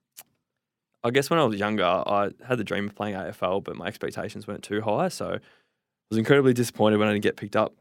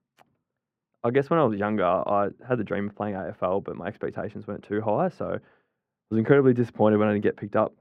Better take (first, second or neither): first